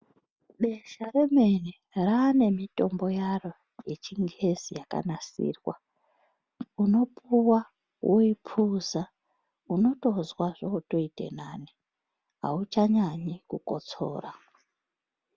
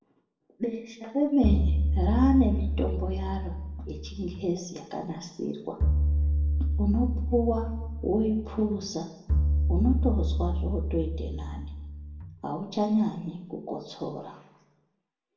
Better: first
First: none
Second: background sound (Bowed string instrument); 3 dB above the speech // room echo; dies away in 0.7 s

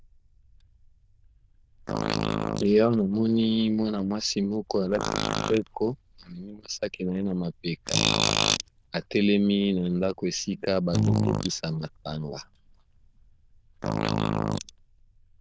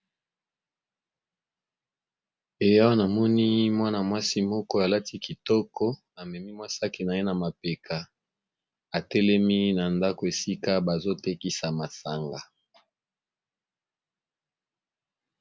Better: second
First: noise reduction (neural diffusion model UNIVERSE++)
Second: none

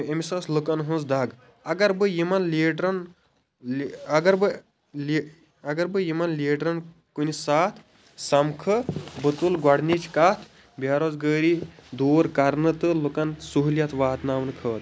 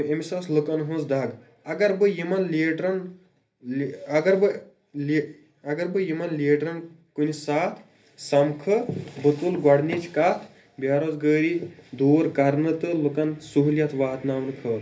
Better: first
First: none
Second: room echo; dies away in 0.3 s

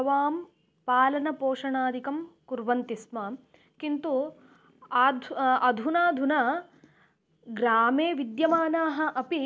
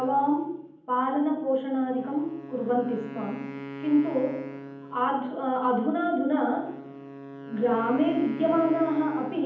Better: first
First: none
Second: background sound (Wind instrument, woodwind instrument); 14 dB below the speech // room echo; dies away in 0.8 s

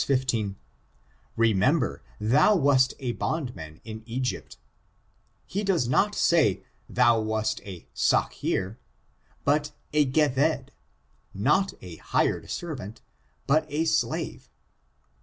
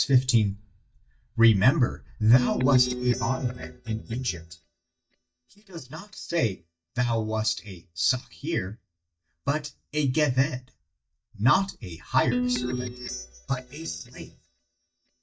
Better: first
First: none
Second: noise reduction (neural mask model DeepFilterNet 3)

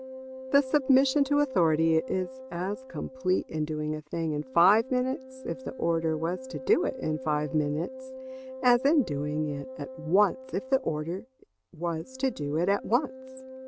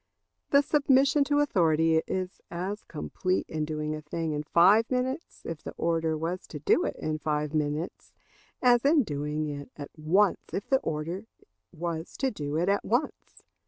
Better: second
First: background sound (Wind instrument, woodwind instrument); 14 dB below the speech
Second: none

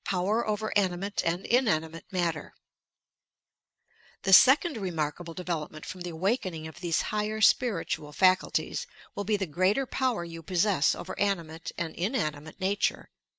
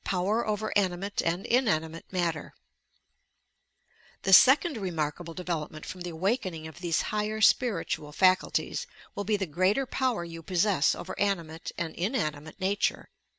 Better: second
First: noise reduction (neural mask model Resemble Enhance denoiser)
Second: none

